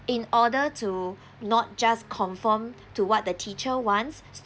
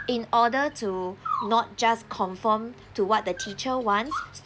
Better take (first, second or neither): first